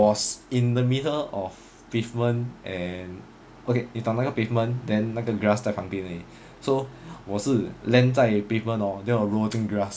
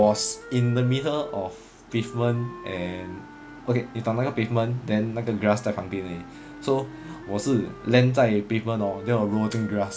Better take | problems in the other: first | background sound (Wind instrument, woodwind instrument); 17 dB below the speech

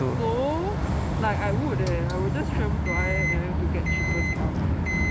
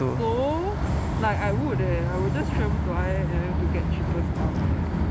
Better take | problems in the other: second | background sound (Microwave oven); 9 dB below the speech

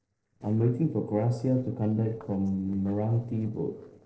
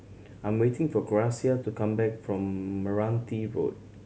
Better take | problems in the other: second | noise reduction (neural separator model SepFormer DNS4)

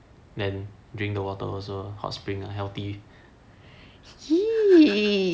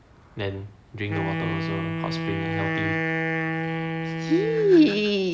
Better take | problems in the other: first | background sound (Wind instrument, woodwind instrument); 3 dB below the speech

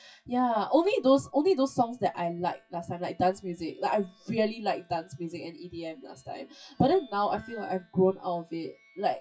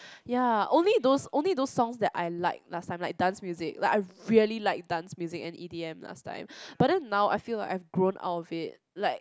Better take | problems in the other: second | noise reduction (classical method WPE with log-MMSE)

